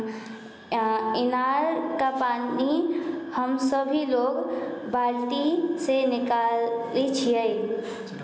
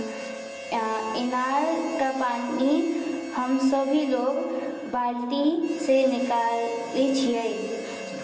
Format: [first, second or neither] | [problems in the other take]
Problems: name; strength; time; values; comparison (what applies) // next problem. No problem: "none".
first | background sound (Harmonica); 13 dB below the speech // room echo; dies away in 0.1 s